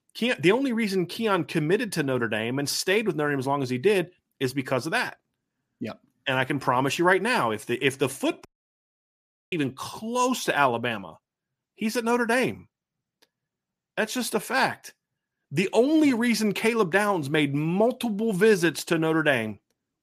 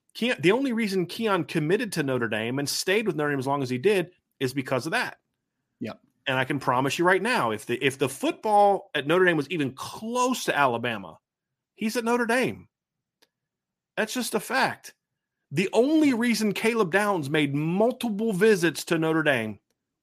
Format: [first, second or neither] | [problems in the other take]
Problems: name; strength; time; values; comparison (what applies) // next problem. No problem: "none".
second | audio cutting out; at 8.5 s for 1 s